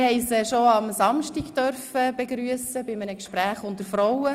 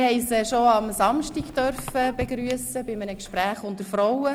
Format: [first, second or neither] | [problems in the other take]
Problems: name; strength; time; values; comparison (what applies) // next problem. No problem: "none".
first | background sound (Squeak); 16 dB below the speech